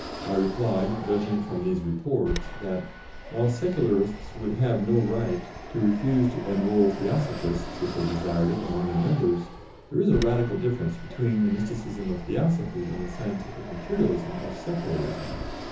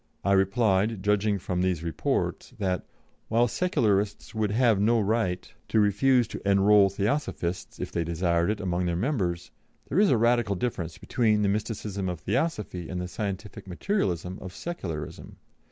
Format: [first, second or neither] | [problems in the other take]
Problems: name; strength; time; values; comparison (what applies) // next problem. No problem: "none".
second | background sound (Fixed-wing aircraft, airplane); 10 dB below the speech // room echo; dies away in 0.6 s